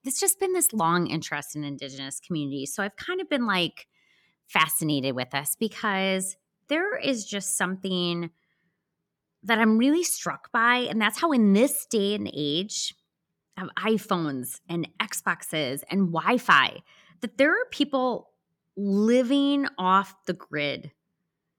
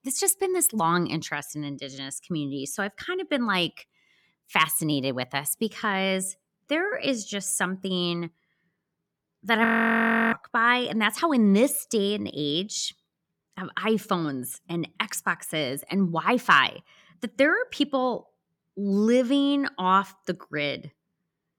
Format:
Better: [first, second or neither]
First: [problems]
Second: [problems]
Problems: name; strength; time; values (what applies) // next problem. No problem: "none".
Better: first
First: none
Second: audio freezing; at 9.5 s for 0.5 s